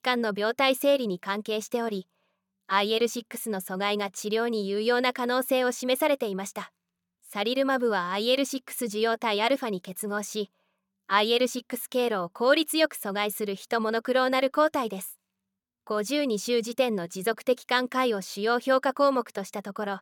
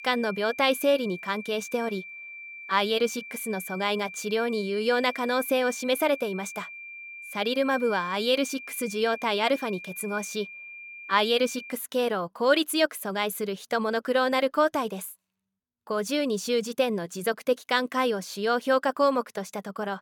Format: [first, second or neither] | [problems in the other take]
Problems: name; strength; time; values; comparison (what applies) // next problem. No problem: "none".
first | high-pitched whine; noticeable; until 12 s; 2.5 kHz, 15 dB below the speech